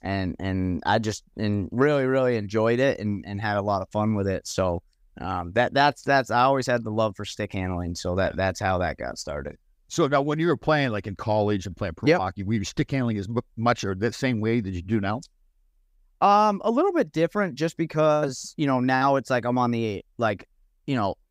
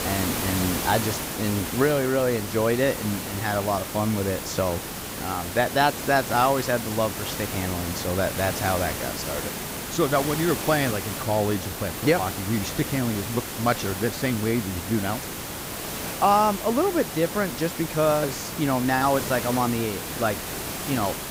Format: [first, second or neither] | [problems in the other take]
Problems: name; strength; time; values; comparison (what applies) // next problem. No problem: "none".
first | hiss; loud; throughout; 5 dB below the speech